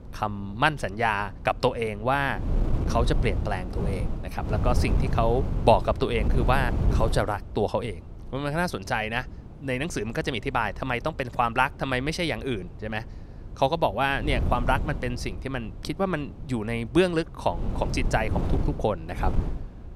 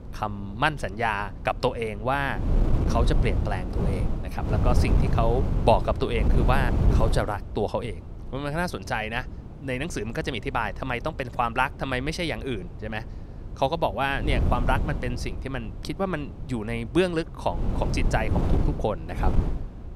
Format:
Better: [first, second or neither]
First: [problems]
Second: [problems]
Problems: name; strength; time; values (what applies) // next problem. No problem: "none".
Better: first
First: wind noise on the microphone; occasional gusts; 10 dB below the speech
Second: wind noise on the microphone; heavy; 9 dB below the speech